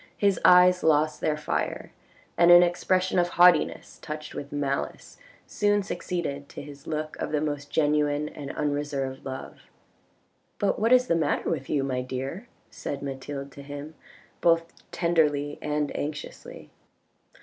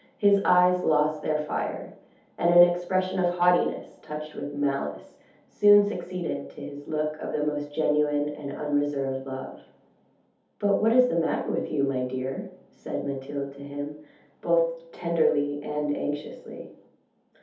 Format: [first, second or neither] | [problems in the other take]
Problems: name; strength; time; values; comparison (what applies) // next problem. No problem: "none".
first | room echo; dies away in 0.6 s